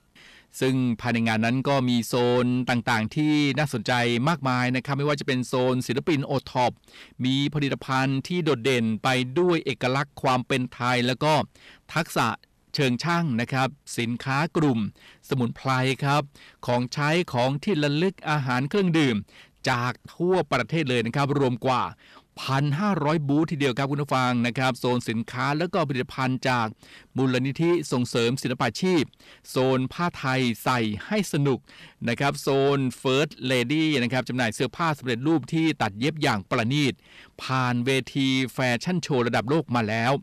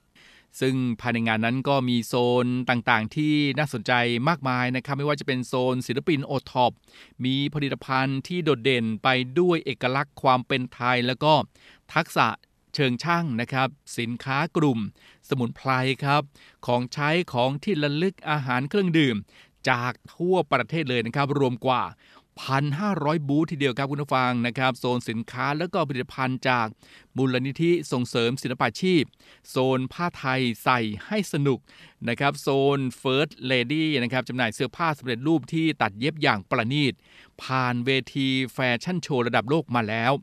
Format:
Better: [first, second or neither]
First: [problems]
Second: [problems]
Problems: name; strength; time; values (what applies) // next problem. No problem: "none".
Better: second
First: distortion; slight; 10 dB below the speech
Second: none